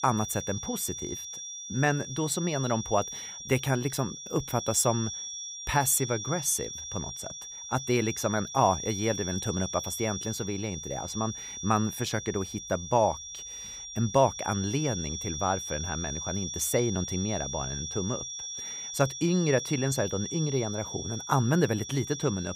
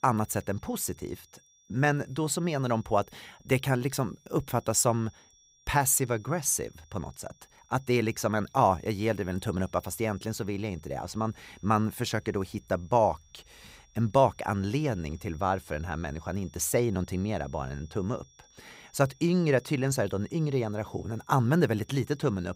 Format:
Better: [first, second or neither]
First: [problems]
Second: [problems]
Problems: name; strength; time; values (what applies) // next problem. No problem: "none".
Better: second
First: high-pitched whine; loud; throughout; 5.5 kHz, 6 dB below the speech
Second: high-pitched whine; faint; throughout; 5.5 kHz, 30 dB below the speech